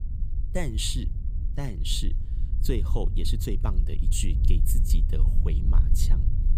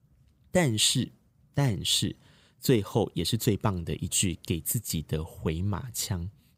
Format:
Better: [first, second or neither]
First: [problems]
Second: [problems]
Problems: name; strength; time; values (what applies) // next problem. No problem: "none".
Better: second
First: low rumble; noticeable; throughout; 10 dB below the speech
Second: none